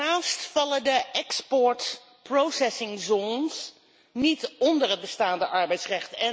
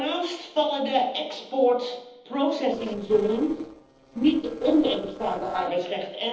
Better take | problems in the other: first | noise reduction (neural separator model SepFormer DNS4)

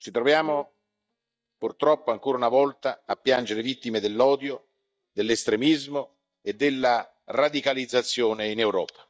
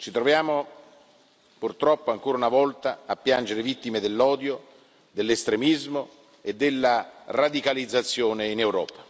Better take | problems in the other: second | noise reduction (neural mask model DeepFilterNet 3)

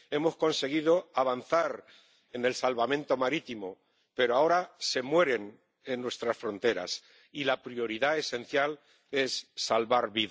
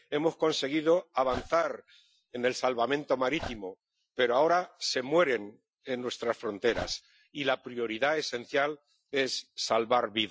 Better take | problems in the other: first | noise reduction (classical method Wiener filter)

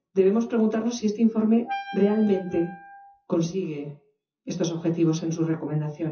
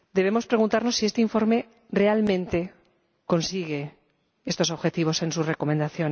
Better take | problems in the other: second | noise reduction (classical method WPE with log-MMSE)

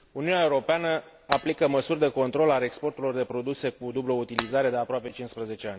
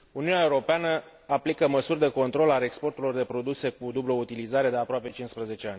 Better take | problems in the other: second | background sound (Shatter); 11 dB below the speech

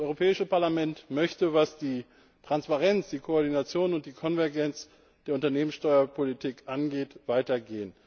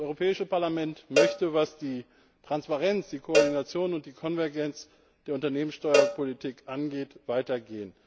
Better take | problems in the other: first | background sound (Cowbell); 1 dB below the speech

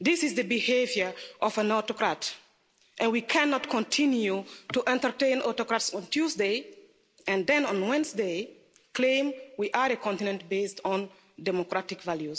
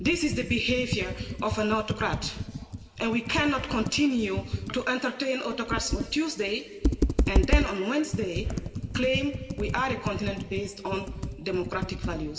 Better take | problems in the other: first | background sound (Computer keyboard); 2 dB below the speech // room echo; dies away in 1.7 s

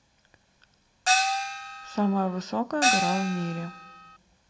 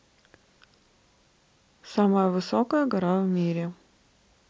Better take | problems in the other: second | background sound (Gong); 4 dB above the speech // room echo; dies away in 0.4 s

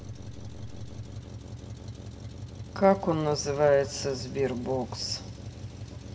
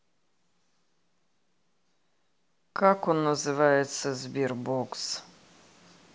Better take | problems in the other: second | background sound (Truck); 10 dB below the speech // room echo; dies away in 2.3 s

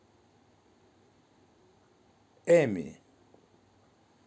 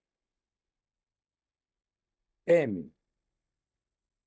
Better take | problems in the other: first | noise reduction (neural mask model DeepFilterNet 3)

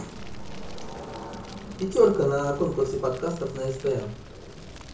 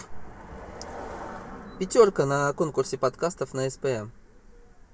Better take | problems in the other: second | background sound (Fire); 15 dB below the speech // room echo; dies away in 0.8 s

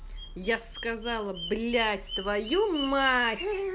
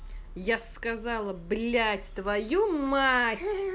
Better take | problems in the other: second | background sound (Bird vocalization, bird call, bird song); 12 dB below the speech

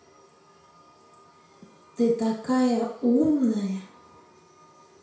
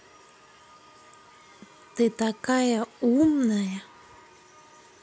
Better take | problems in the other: second | room echo; dies away in 0.6 s

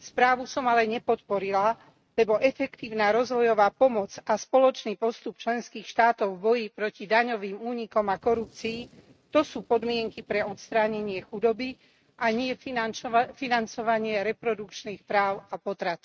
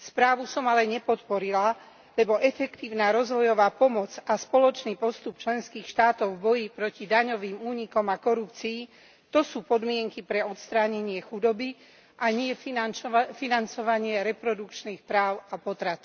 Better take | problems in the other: second | noise reduction (neural mask model RNNoise)

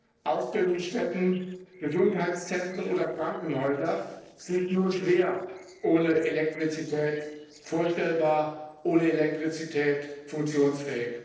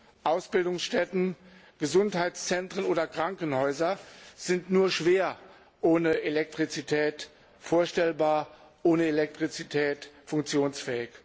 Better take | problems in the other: second | noise reduction (neural separator model SepFormer DNS4)

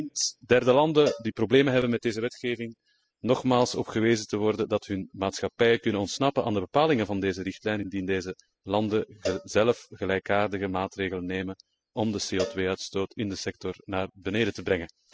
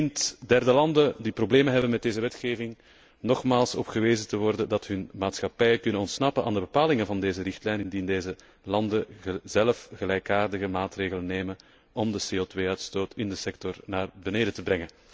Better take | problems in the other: second | noise reduction (classical method spectral subtraction)

